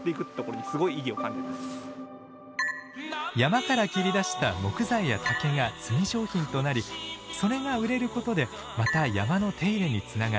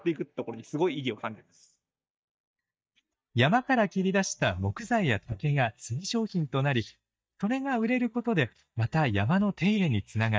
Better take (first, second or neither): first